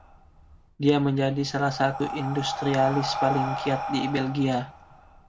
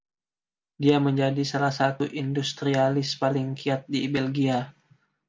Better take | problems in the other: second | background sound (Breathing); 8 dB below the speech

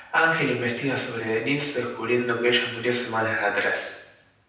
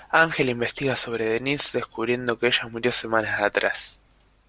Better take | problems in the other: second | room echo; dies away in 0.9 s

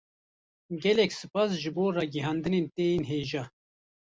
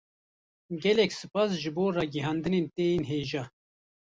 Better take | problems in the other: second | noise reduction (neural mask model Resemble Enhance denoiser)

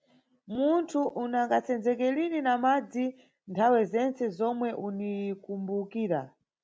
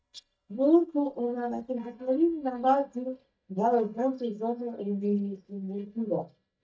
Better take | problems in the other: first | noise reduction (neural mask model DeepFilterNet 3)

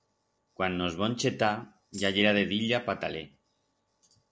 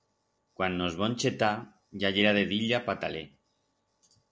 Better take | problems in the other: second | background sound (Tambourine); 18 dB below the speech

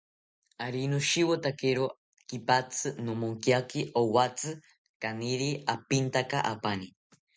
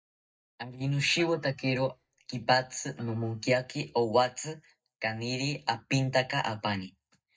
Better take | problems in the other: first | noise reduction (neural mask model DeepFilterNet 3)

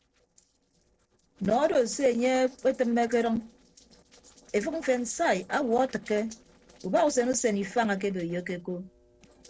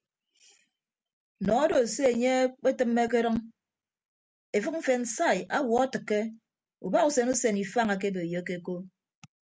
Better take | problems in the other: second | noise reduction (neural separator model SepFormer DNS4)

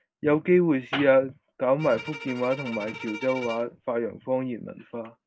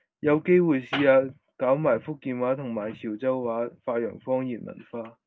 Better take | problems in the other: second | background sound (Bowed string instrument); 14 dB below the speech

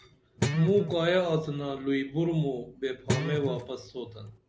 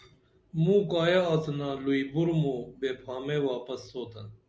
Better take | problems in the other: second | background sound (Guitar); 4 dB below the speech

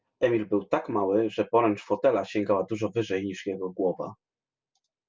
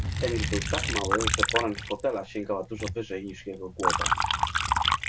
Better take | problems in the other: first | background sound (Liquid); 3 dB above the speech

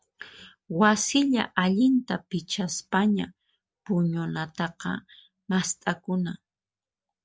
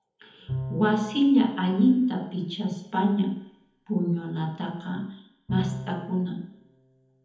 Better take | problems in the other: first | background sound (Bowed string instrument); 13 dB below the speech // room echo; dies away in 1.1 s

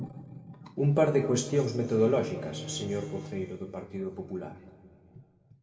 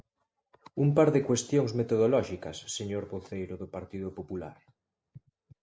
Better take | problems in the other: second | background sound (Bowed string instrument); 15 dB below the speech // room echo; dies away in 2 s

